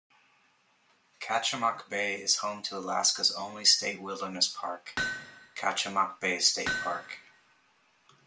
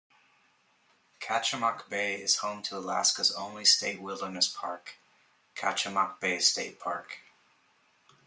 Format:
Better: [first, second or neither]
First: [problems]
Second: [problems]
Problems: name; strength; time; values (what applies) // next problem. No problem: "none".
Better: second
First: background sound (Hammer); 7 dB below the speech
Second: none